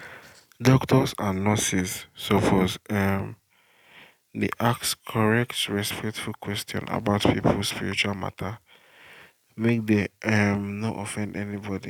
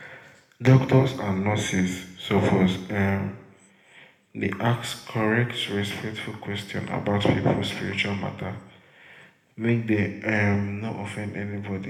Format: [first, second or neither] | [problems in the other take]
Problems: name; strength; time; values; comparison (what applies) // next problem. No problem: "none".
first | room echo; dies away in 0.8 s